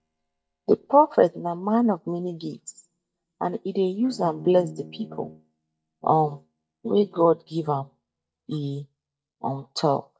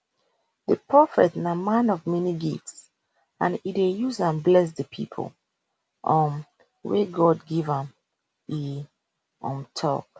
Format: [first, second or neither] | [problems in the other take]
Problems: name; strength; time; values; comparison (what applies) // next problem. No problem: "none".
second | noise reduction (neural mask model DeepFilterNet 3)